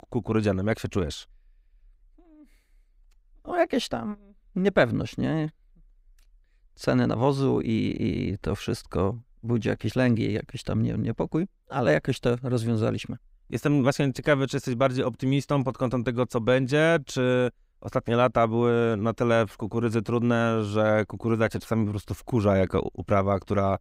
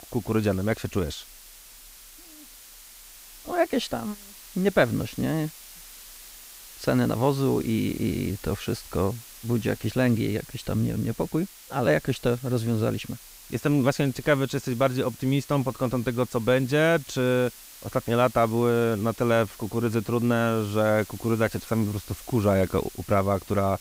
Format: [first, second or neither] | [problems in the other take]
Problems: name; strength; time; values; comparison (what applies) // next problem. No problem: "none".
first | hiss; noticeable; throughout; 20 dB below the speech